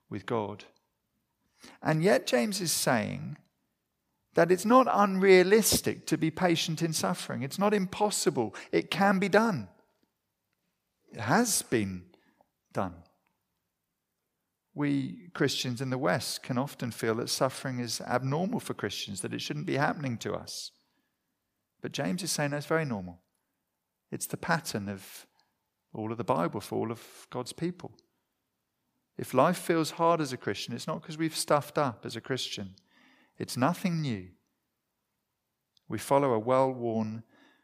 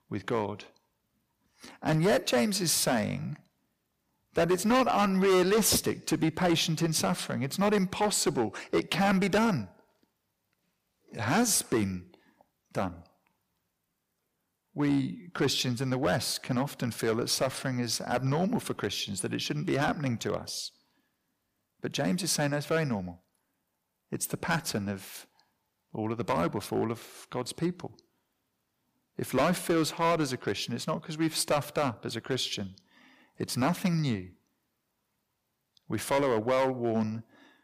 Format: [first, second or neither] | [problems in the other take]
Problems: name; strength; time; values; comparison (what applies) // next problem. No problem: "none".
first | distortion; heavy; 5% of the sound clipped